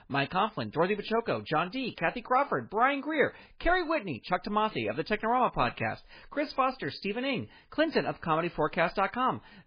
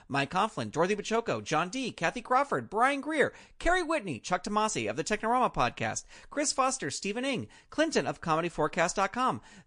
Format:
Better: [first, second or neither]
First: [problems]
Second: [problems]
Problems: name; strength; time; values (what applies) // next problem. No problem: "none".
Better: second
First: garbled, watery; badly; nothing above 5 kHz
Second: garbled, watery; slightly; nothing above 9 kHz